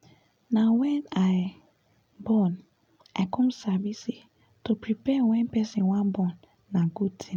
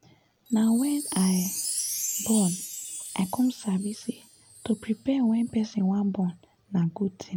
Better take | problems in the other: first | background sound (Wind chime); 10 dB below the speech

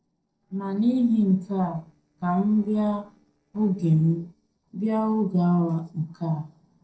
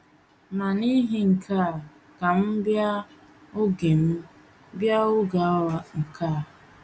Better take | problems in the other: second | noise reduction (neural separator model SepFormer DNS4)

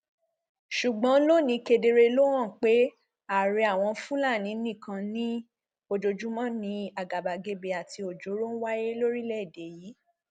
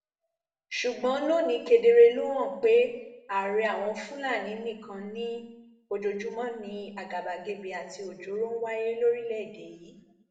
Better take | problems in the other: first | room echo; dies away in 0.7 s

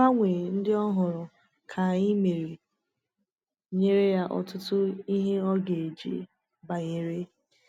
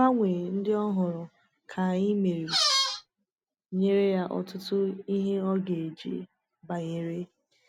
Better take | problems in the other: first | background sound (Squeak); 3 dB above the speech

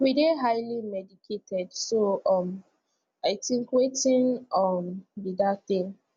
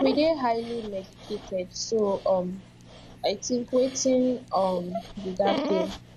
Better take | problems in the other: first | background sound (Dog); 10 dB below the speech

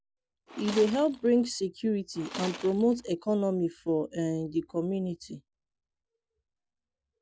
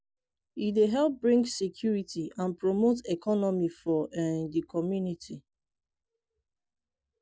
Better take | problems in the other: second | background sound (Tools); 12 dB below the speech

